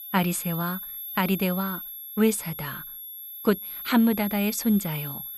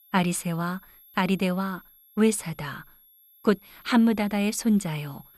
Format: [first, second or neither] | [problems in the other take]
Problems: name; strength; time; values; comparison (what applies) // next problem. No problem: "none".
second | high-pitched whine; loud; throughout; 11.5 kHz, 8 dB below the speech; faint in the second